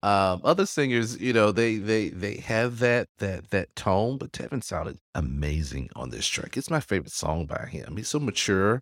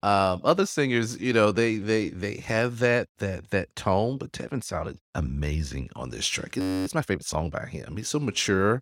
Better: first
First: none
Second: audio freezing; at 6.5 s

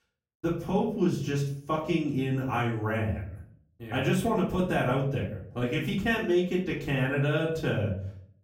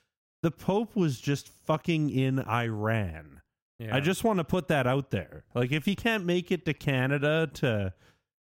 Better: second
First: off-mic speech; far // room echo; slight; dies away in 0.5 s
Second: none

